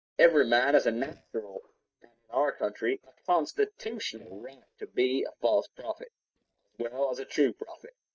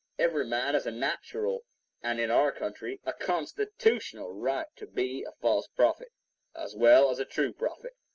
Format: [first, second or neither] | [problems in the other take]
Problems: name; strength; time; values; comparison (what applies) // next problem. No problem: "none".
second | noise reduction (neural mask model DeepFilterNet 3)